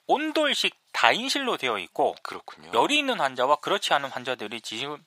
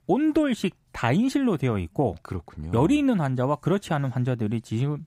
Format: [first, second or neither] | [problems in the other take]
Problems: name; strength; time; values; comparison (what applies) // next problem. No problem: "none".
second | thin; very; fading below 750 Hz